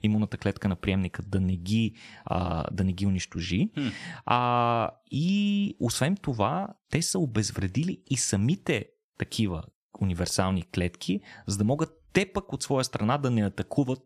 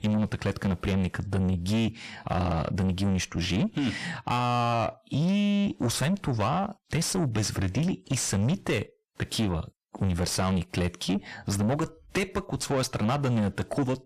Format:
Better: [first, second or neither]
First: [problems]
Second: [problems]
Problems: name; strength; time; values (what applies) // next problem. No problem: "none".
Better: first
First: none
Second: distortion; heavy; 7 dB below the speech